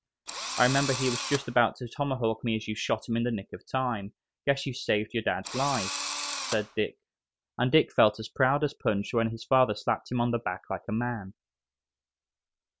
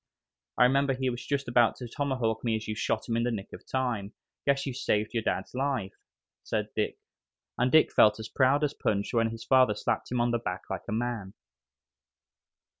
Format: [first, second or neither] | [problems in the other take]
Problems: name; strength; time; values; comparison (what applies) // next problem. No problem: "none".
second | background sound (Engine / Drill); 6 dB below the speech